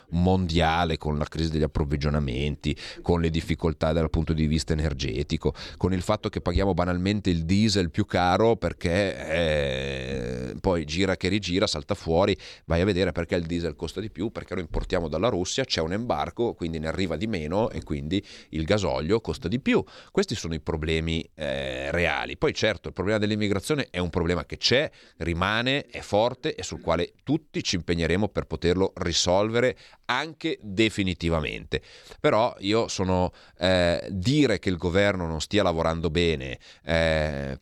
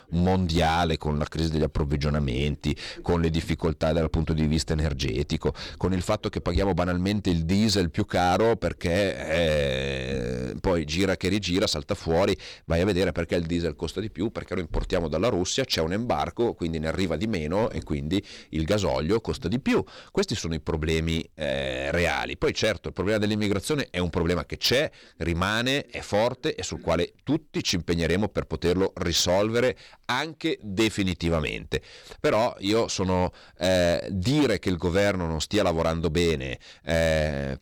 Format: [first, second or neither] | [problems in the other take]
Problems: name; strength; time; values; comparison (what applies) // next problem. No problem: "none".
first | distortion; slight; 7% of the sound clipped